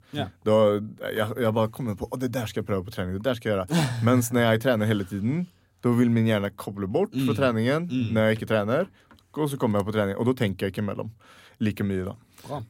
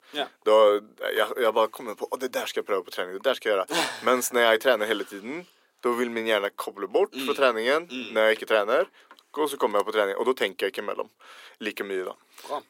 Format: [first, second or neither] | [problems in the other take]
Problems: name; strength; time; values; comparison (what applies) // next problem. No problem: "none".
first | thin; very; fading below 350 Hz